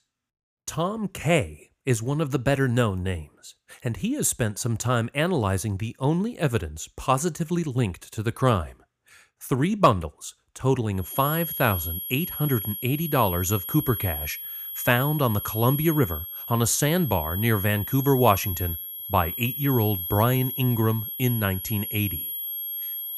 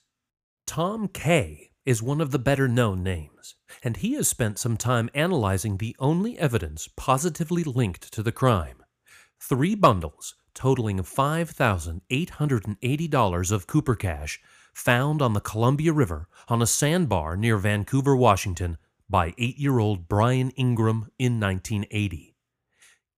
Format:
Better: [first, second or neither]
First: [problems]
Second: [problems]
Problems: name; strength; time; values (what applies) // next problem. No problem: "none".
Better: second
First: high-pitched whine; loud; from 11 s on; 11.5 kHz, 5 dB below the speech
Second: none